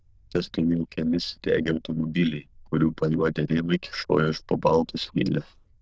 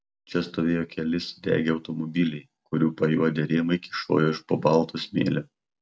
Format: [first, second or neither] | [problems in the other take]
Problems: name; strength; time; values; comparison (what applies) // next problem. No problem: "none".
second | noise reduction (neural diffusion model UNIVERSE++)